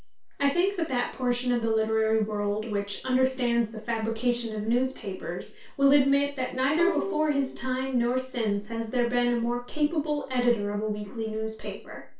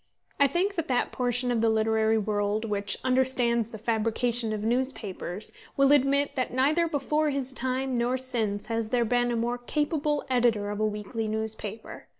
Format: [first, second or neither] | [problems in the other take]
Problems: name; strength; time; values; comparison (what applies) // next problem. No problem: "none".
second | background sound (Bowed string instrument); 11 dB below the speech // room echo; dies away in 0.3 s